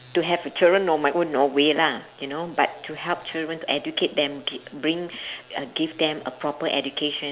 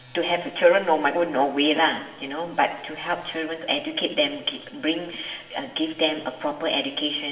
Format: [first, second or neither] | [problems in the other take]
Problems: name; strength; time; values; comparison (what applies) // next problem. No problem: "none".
first | room echo; dies away in 1.1 s